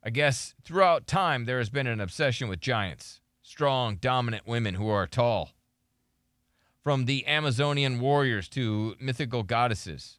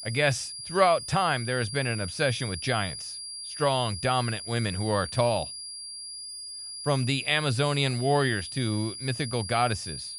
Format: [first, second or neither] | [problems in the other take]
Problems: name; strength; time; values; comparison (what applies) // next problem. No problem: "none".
first | high-pitched whine; loud; throughout; 5 kHz, 9 dB below the speech